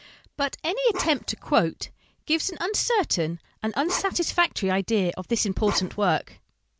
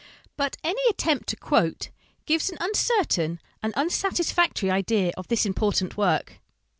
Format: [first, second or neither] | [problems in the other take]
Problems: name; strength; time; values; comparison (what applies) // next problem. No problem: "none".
second | background sound (Bark); 11 dB below the speech